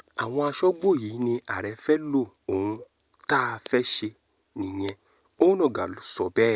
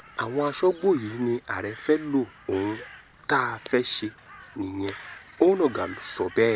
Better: first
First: none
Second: background sound (Crow); 19 dB below the speech

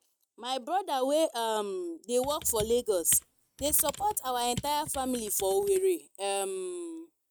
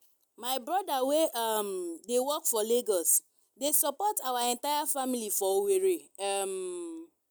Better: second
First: noise reduction (neural mask model RNNoise)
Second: none

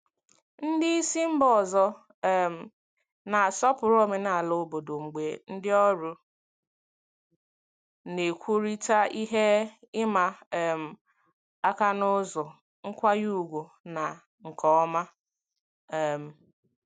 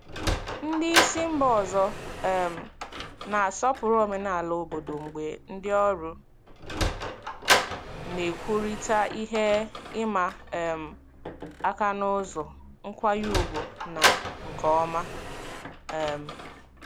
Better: first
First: none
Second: background sound (Sliding door); 3 dB below the speech

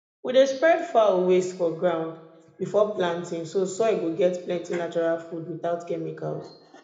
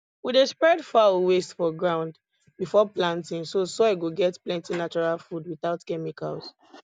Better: second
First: room echo; dies away in 0.8 s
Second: none

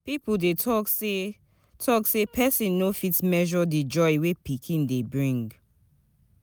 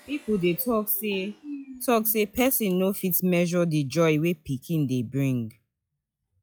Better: first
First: none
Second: noise reduction (classical method log-MMSE)

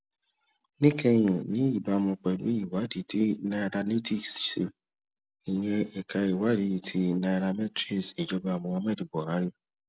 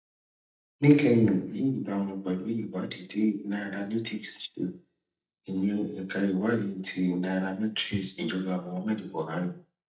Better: first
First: none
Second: noise reduction (neural mask model DeepFilterNet 3)

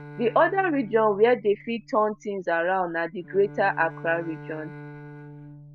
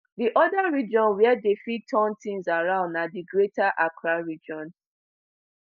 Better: second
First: background sound (Bowed string instrument); 18 dB below the speech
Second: none

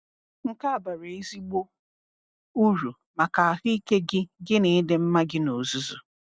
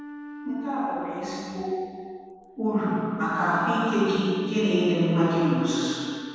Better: first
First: none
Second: background sound (Wind instrument, woodwind instrument); 14 dB below the speech // room echo; dies away in 2.1 s

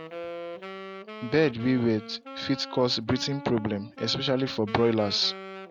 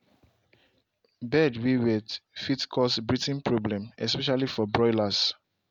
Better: second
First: background sound (Wind instrument, woodwind instrument); 13 dB below the speech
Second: none

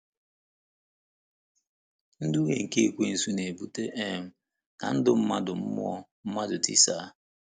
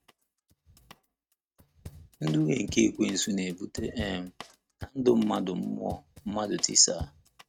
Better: first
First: none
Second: noise reduction (neural mask model RNNoise)

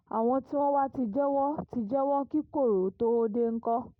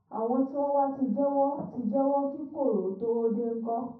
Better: first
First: none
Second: room echo; dies away in 0.7 s

